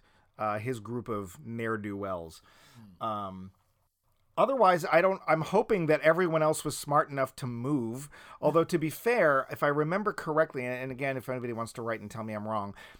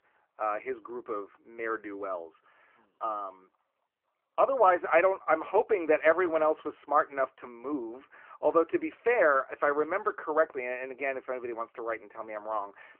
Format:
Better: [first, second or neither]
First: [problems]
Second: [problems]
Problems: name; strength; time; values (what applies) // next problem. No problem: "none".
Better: first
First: none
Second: phone-call audio